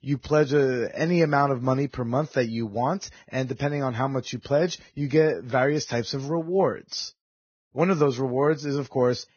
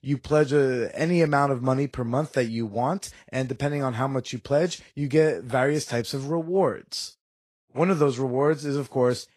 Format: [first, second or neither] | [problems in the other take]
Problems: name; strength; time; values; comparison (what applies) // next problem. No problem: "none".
second | garbled, watery; badly; nothing above 6.5 kHz; slightly in the second